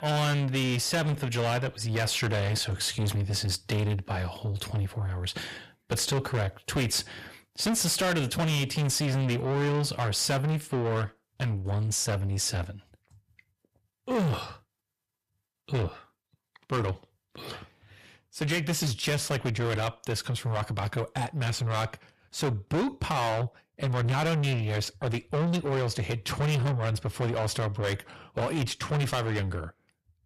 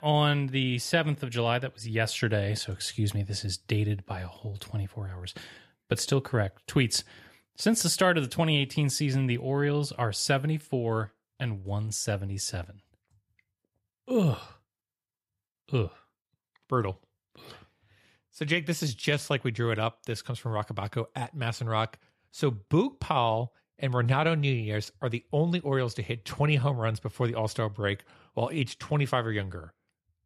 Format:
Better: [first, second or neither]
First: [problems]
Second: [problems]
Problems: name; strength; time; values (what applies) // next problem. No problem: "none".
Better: second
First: distortion; heavy; 6 dB below the speech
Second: none